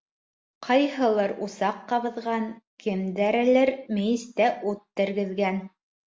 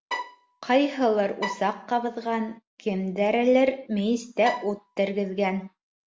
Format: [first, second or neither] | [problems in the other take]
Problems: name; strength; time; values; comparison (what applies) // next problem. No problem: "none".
first | background sound (Bowed string instrument); 10 dB below the speech